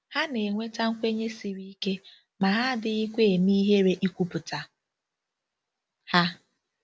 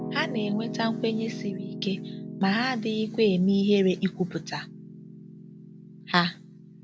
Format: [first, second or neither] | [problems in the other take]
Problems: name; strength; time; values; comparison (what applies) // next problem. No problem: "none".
first | background sound (Piano); 10 dB below the speech